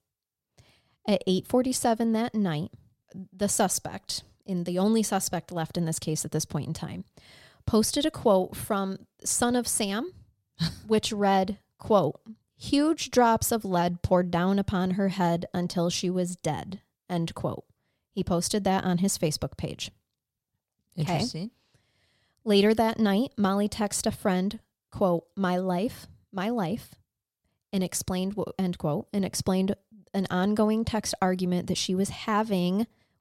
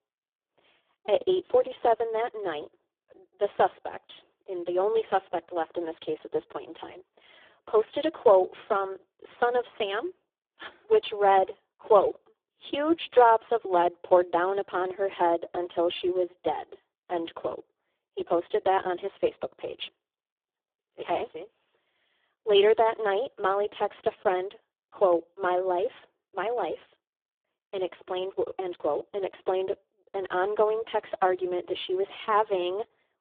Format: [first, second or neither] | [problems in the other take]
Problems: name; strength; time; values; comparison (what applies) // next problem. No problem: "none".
first | phone-call audio; poor line